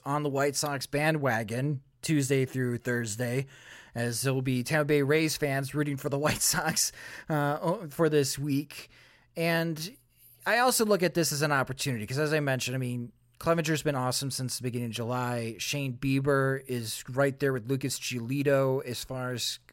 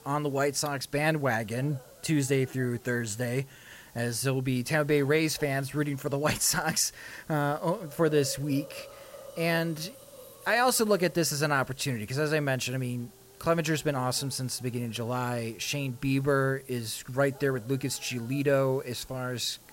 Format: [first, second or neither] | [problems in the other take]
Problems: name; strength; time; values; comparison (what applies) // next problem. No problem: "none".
first | hiss; faint; throughout; 20 dB below the speech